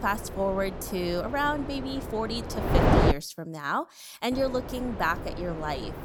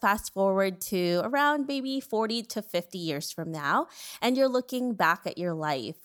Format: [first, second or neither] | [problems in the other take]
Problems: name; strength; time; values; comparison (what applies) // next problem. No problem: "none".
second | wind noise on the microphone; heavy; until 3 s and from 4.5 s on; 2 dB below the speech